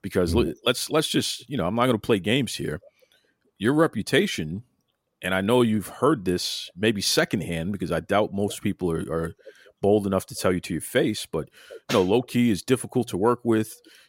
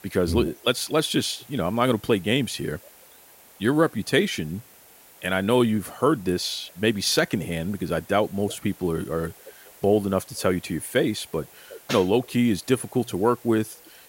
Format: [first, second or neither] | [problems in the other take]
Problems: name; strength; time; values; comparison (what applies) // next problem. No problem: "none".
first | hiss; faint; throughout; 25 dB below the speech